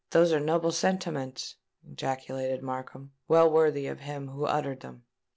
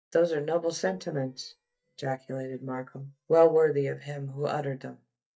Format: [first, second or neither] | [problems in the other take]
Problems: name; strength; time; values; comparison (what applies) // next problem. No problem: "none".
first | noise reduction (neural mask model DeepFilterNet 3)